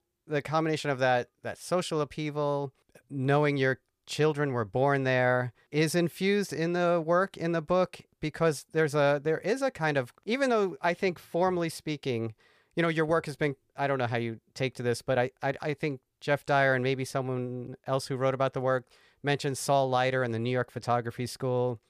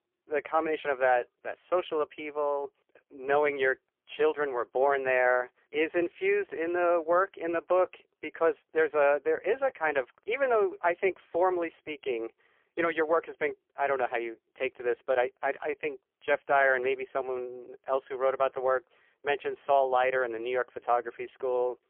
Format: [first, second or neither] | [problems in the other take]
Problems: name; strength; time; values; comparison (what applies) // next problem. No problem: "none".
first | phone-call audio; poor line; nothing above 3.5 kHz